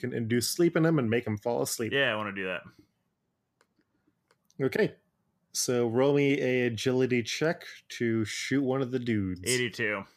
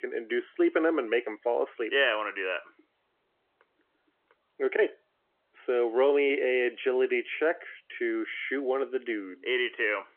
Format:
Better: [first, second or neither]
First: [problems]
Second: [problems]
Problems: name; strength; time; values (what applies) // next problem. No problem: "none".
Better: first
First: none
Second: phone-call audio; nothing above 3 kHz